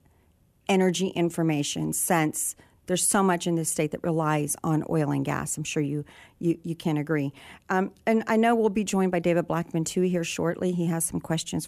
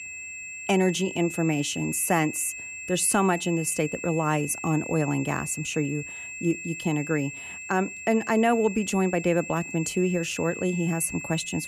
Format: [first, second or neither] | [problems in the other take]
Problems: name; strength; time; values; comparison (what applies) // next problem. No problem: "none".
first | high-pitched whine; loud; throughout; 2.5 kHz, 9 dB below the speech